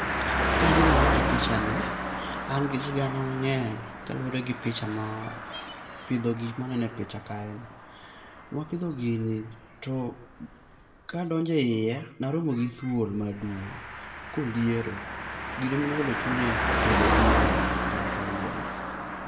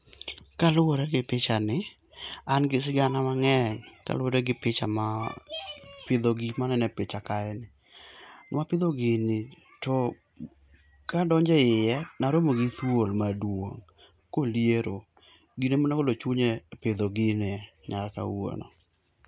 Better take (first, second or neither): second